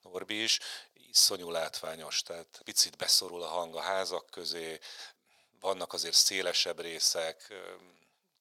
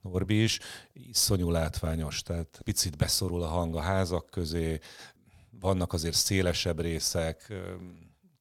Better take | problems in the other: second | thin; very; fading below 600 Hz

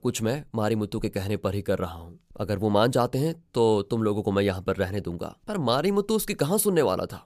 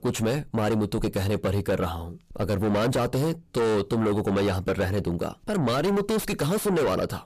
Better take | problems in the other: first | distortion; heavy; 5 dB below the speech

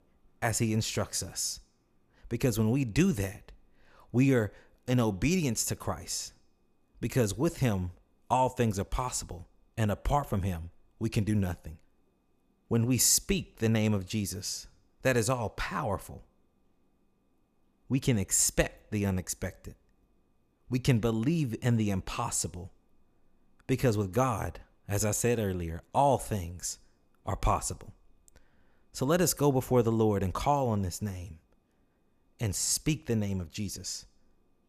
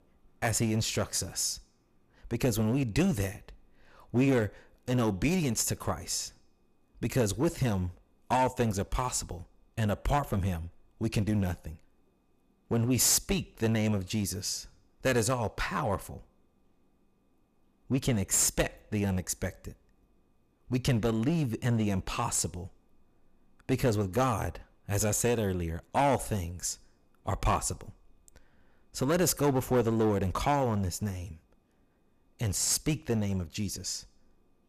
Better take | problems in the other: first | distortion; slight; 5% of the sound clipped

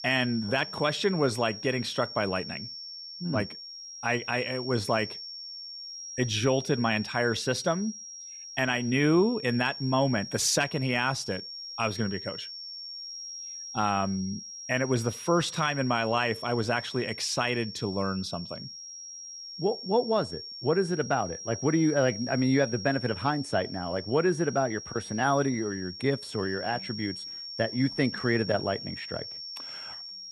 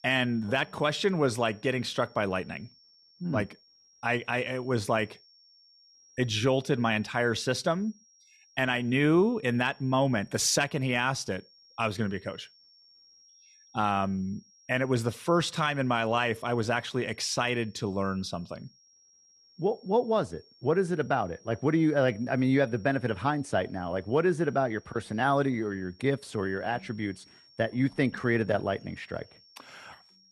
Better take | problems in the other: second | high-pitched whine; loud; throughout; 5.5 kHz, 10 dB below the speech; faint in the second

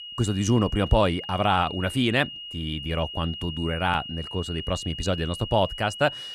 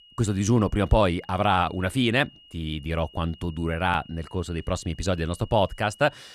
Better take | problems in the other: second | high-pitched whine; loud; throughout; 3 kHz, 9 dB below the speech; faint in the second

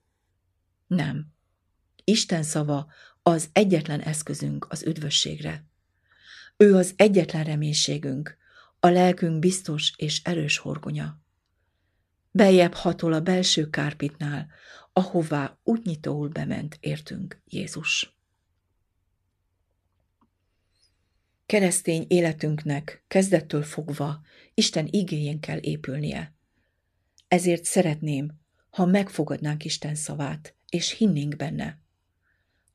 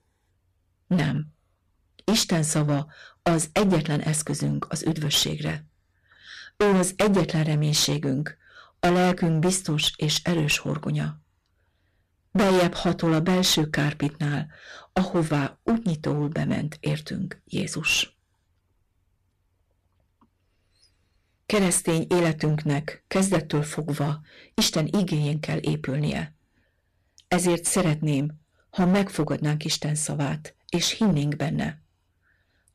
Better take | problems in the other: first | distortion; heavy; 9% of the sound clipped

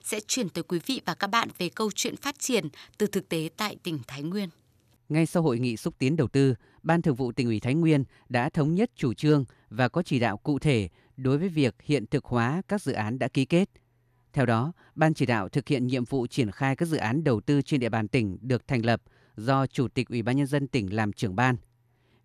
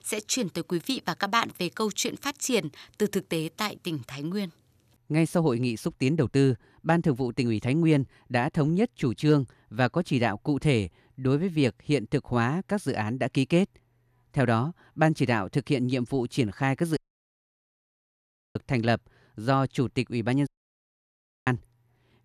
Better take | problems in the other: first | audio cutting out; at 17 s for 1.5 s and at 20 s for 1 s

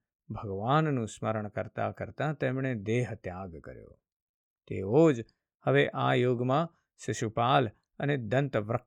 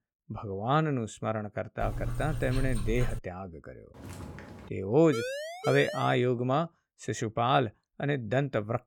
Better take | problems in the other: first | dog barking; noticeable; from 2 to 3 s; peak 5 dB below the speech // footsteps; faint; at 4 s; peak 15 dB below the speech // siren; noticeable; from 5 to 6 s; peak 5 dB below the speech

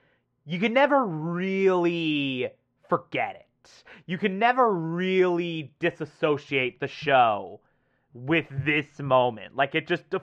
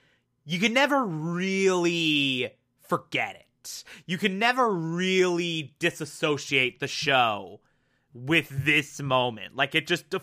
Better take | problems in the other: second | muffled; very; fading above 2.5 kHz

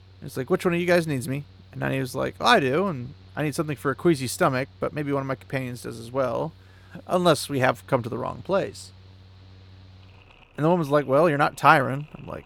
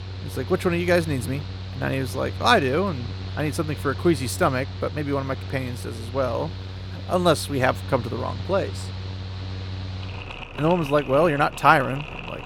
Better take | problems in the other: first | machinery noise; loud; throughout; 10 dB below the speech; faint in the first

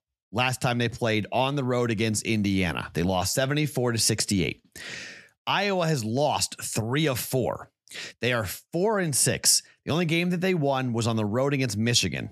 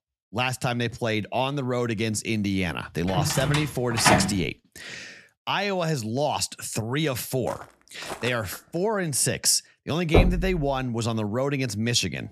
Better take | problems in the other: first | door banging; loud; from 3 to 4.5 s and at 10 s; peak 5 dB above the speech // footsteps; faint; from 7.5 to 9 s; peak 10 dB below the speech

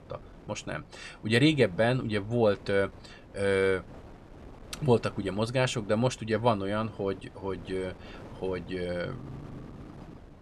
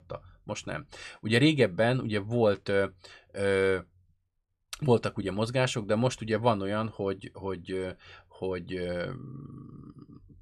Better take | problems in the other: second | wind noise on the microphone; occasional gusts; 25 dB below the speech

